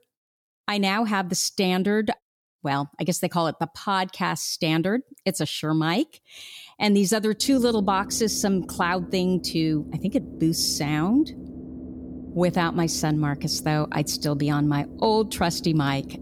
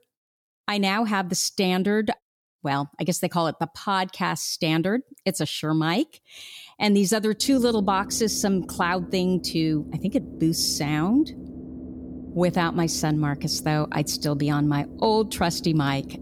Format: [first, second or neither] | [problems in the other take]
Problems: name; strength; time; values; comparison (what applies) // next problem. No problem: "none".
neither | low rumble; noticeable; from 7.5 s on; 20 dB below the speech; the same in both